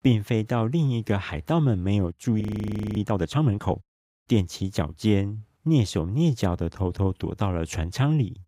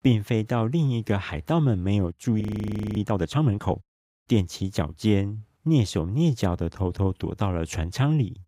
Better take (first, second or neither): neither